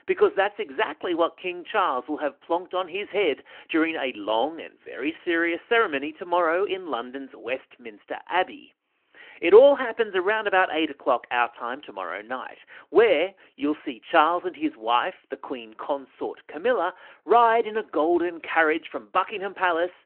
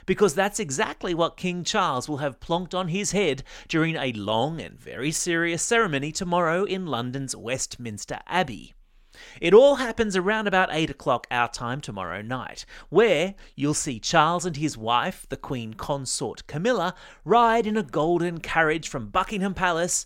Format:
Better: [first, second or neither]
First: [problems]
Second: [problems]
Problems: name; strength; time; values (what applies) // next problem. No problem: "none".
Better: second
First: phone-call audio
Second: none